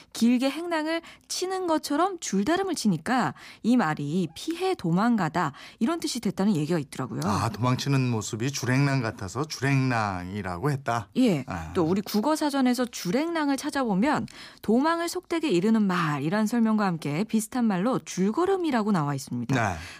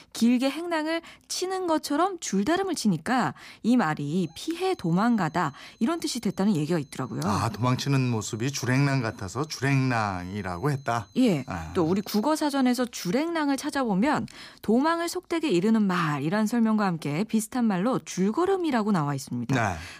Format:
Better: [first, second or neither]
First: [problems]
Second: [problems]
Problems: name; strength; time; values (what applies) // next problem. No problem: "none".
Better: first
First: none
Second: high-pitched whine; faint; from 4 to 13 s; 4 kHz, 30 dB below the speech